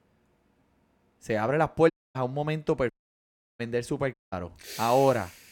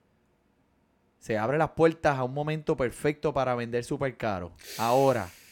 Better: second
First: audio cutting out; at 2 s, at 3 s for 0.5 s and at 4 s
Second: none

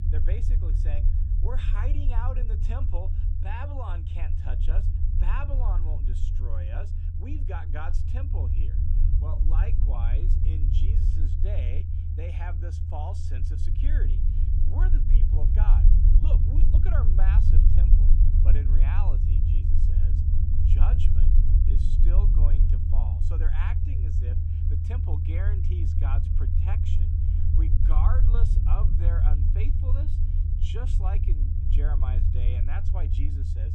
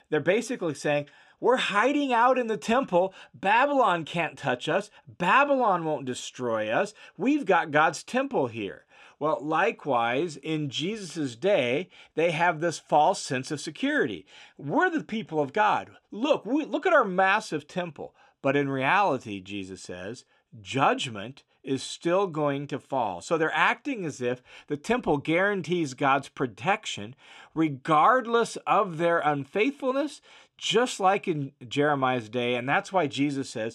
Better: second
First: low rumble; loud; throughout; 1 dB below the speech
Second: none

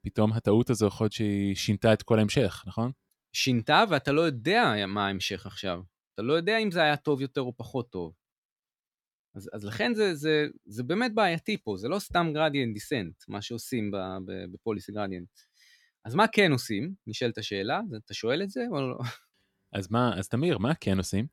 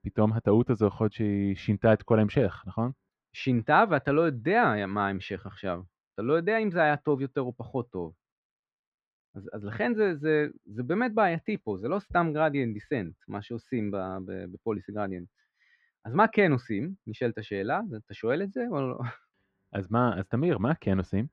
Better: first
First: none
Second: muffled; very; fading above 1.5 kHz

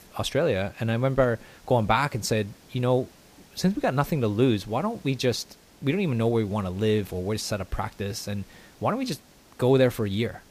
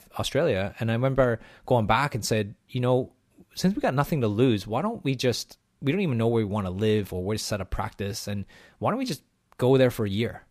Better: second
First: hiss; faint; throughout; 25 dB below the speech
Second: none

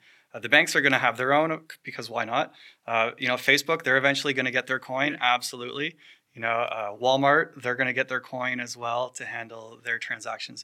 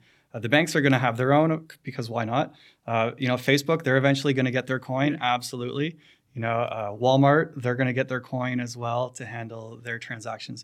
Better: second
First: thin; somewhat; fading below 750 Hz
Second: none

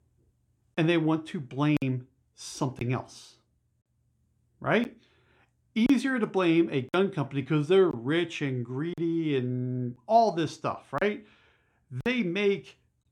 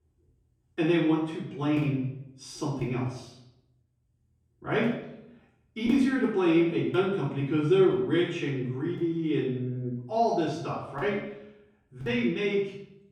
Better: first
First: none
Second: off-mic speech; far // room echo; noticeable; dies away in 0.7 s

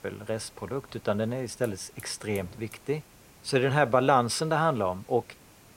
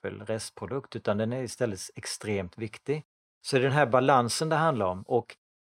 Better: second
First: hiss; faint; throughout; 25 dB below the speech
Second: none

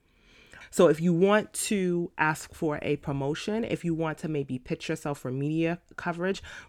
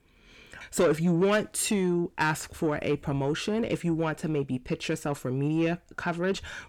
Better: first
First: none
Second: distortion; slight; 10 dB below the speech

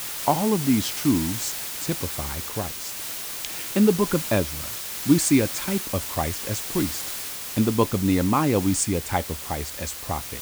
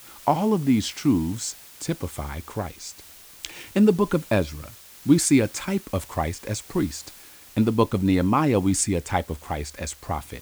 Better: second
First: hiss; loud; throughout; 5 dB below the speech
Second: hiss; faint; throughout; 20 dB below the speech

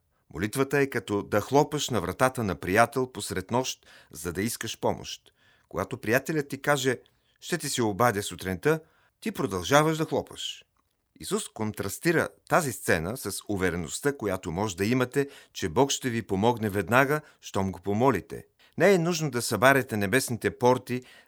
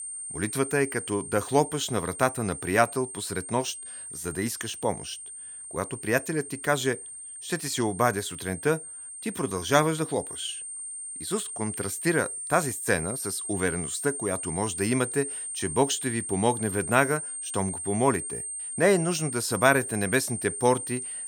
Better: first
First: none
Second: high-pitched whine; loud; throughout; 8.5 kHz, 6 dB below the speech

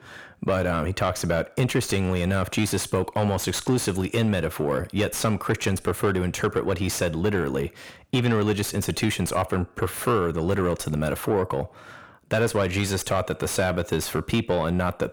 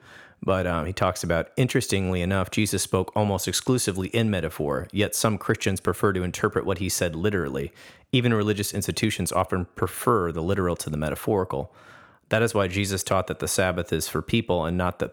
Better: second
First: distortion; slight; 10 dB below the speech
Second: none

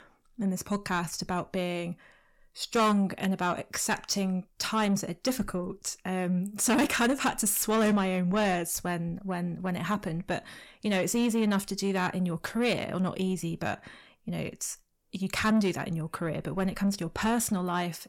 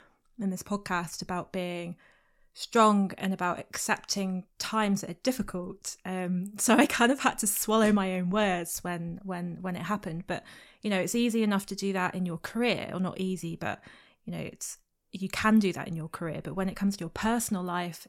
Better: second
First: distortion; slight; 10 dB below the speech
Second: none

